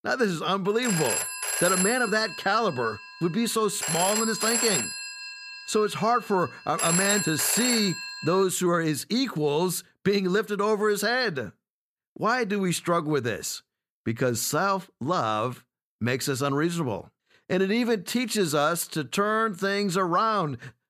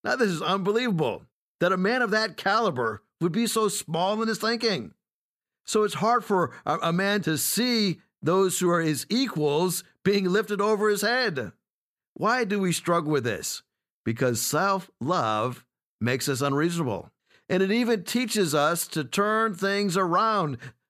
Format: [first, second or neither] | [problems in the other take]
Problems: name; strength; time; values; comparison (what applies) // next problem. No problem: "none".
second | phone ringing; loud; from 1 to 8.5 s; peak 3 dB above the speech